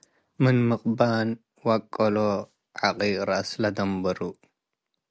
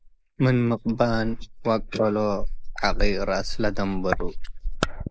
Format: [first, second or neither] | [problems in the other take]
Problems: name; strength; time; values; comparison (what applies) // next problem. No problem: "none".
first | noise reduction (neural mask model Resemble Enhance denoiser)